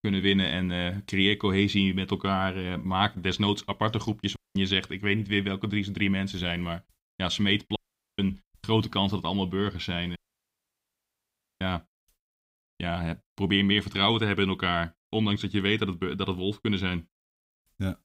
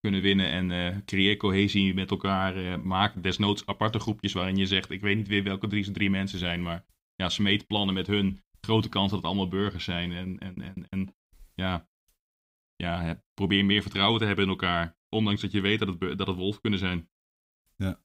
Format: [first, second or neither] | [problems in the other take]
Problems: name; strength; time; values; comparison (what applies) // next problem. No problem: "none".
second | audio cutting out; at 4.5 s, at 8 s and at 10 s for 1.5 s